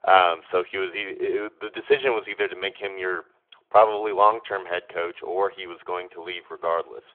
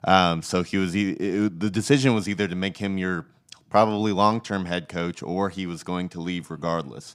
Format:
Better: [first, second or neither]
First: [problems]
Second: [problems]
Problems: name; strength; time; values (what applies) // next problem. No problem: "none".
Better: second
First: phone-call audio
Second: none